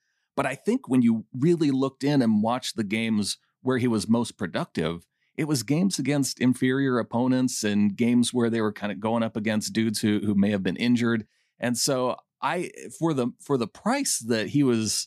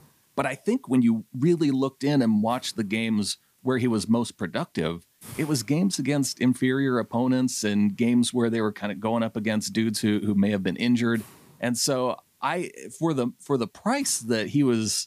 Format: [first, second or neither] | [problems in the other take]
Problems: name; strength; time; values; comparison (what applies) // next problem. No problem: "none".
first | hiss; faint; throughout; 30 dB below the speech